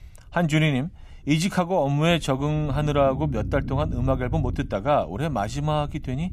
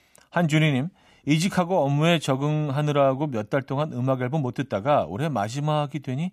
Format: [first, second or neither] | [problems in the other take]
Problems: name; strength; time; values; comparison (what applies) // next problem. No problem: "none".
second | low rumble; faint; throughout; 20 dB below the speech